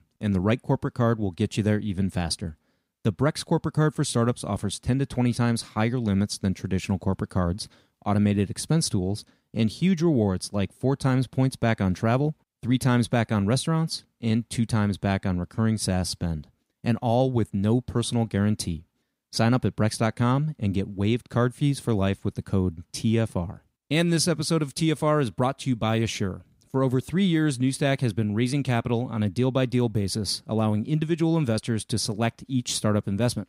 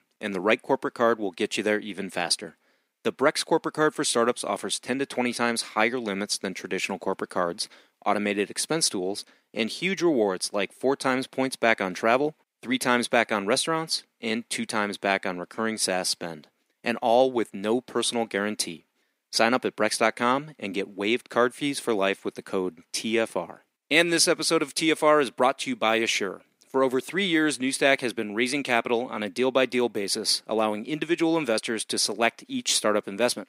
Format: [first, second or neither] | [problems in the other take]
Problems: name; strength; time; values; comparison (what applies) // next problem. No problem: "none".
first | thin; somewhat; fading below 350 Hz